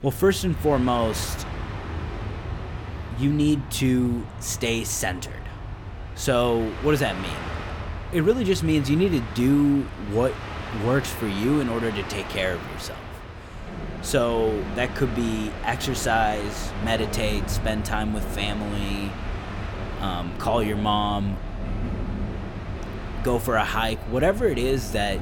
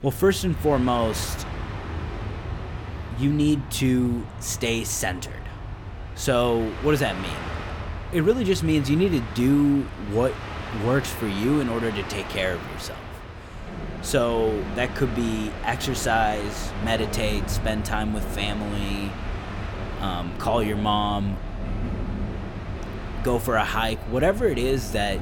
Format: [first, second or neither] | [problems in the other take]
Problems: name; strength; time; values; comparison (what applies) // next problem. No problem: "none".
neither | train or aircraft noise; loud; throughout; 9 dB below the speech; the same in both